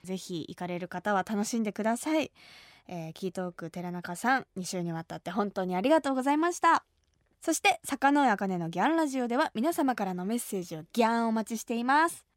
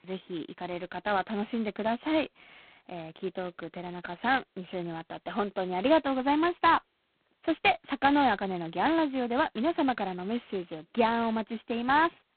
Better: first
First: none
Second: phone-call audio; poor line; nothing above 4 kHz

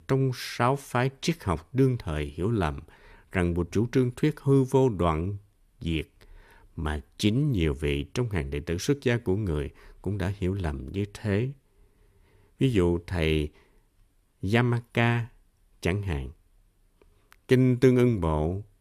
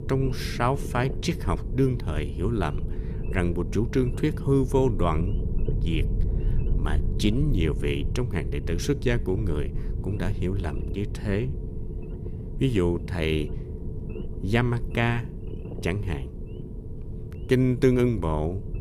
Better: first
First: none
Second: low rumble; noticeable; throughout; 15 dB below the speech

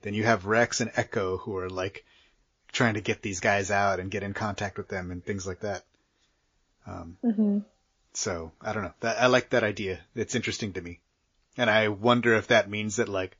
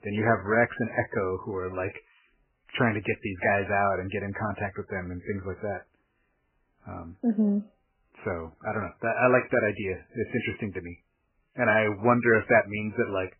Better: first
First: garbled, watery; slightly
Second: garbled, watery; badly; nothing above 2.5 kHz

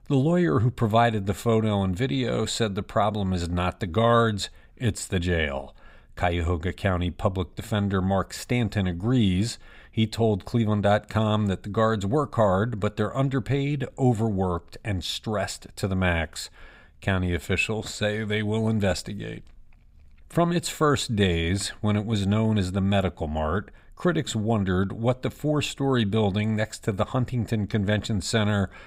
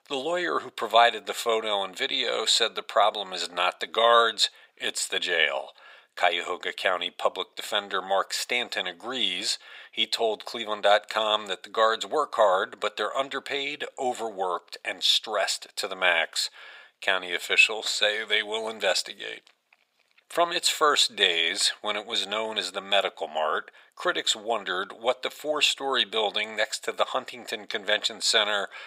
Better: first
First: none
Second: thin; very; fading below 550 Hz

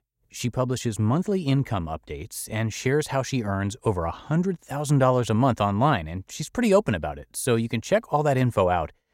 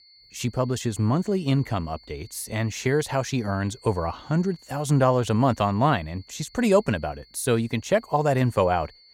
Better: first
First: none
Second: high-pitched whine; faint; throughout; 4.5 kHz, 25 dB below the speech

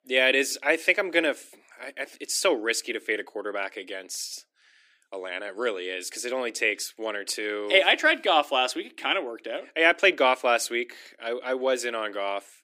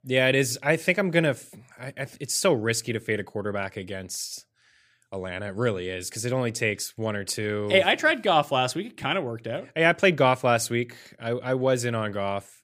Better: second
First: thin; somewhat; fading below 300 Hz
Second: none

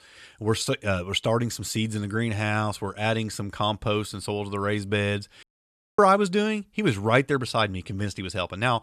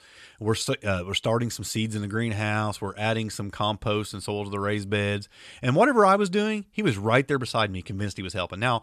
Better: second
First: audio cutting out; at 5.5 s for 0.5 s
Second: none

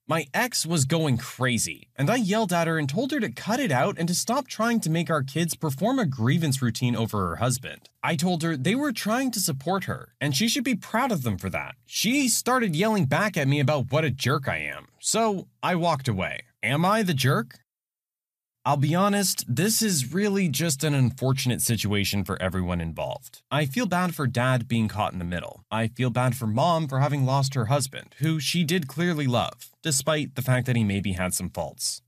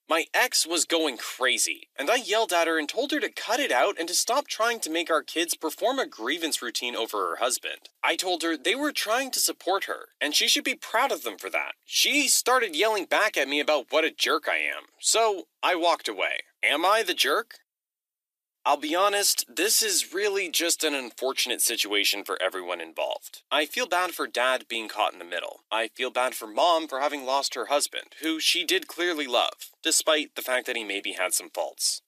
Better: first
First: none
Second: thin; very; fading below 300 Hz

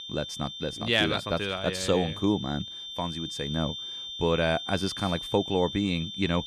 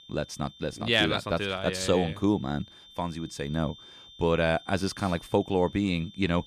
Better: second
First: high-pitched whine; loud; throughout; 3.5 kHz, 7 dB below the speech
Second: high-pitched whine; faint; throughout; 3.5 kHz, 20 dB below the speech

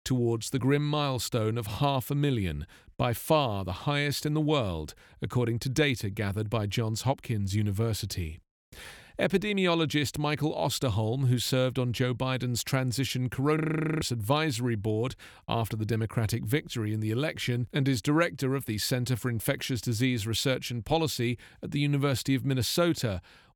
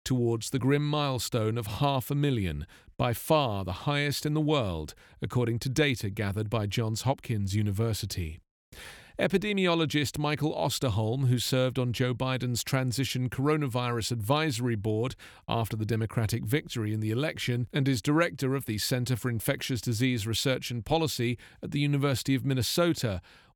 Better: second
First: audio freezing; at 14 s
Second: none

